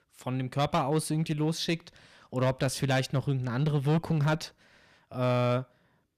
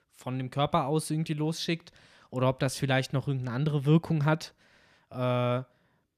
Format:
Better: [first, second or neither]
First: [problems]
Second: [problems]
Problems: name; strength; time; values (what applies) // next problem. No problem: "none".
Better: second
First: distortion; slight; 7% of the sound clipped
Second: none